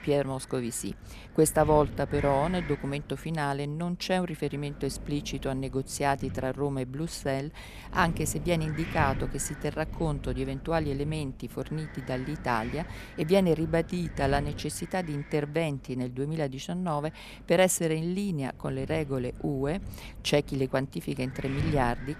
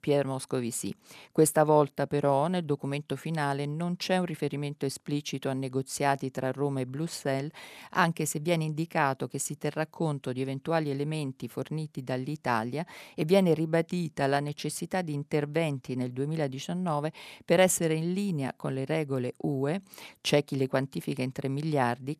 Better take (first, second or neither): second